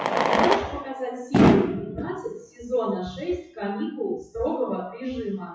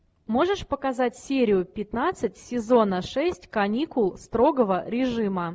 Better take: second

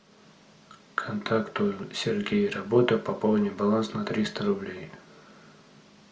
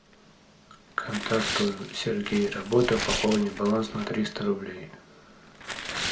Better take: first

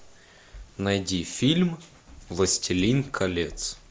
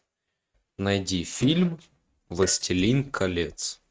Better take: first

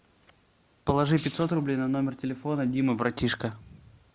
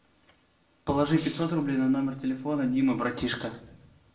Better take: first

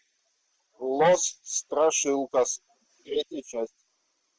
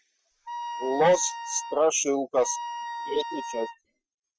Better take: first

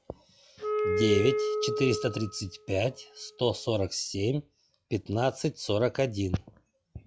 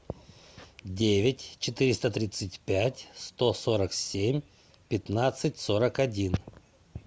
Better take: second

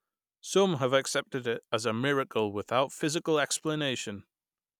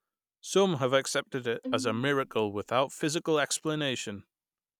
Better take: first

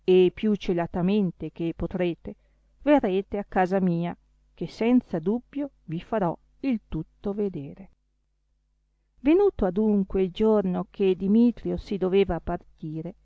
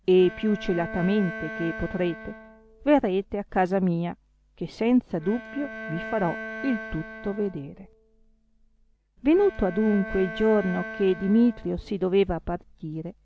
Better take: first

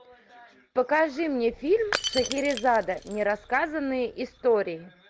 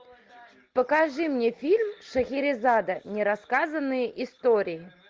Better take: second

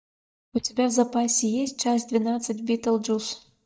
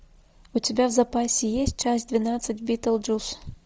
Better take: second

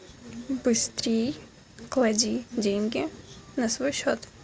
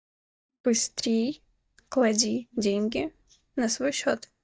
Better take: first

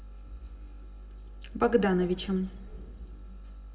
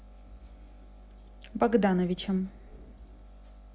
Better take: second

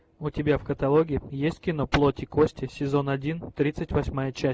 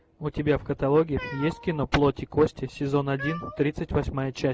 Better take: first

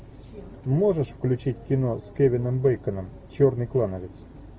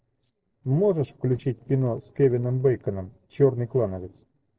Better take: first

